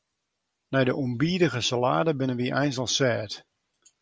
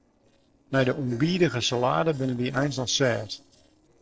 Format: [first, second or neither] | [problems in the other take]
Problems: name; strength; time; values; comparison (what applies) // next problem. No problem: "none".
first | noise reduction (neural separator model SepFormer DNS4)